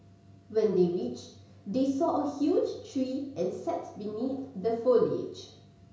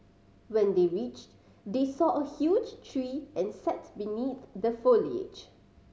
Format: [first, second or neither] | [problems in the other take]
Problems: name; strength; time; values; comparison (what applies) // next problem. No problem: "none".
second | room echo; dies away in 0.5 s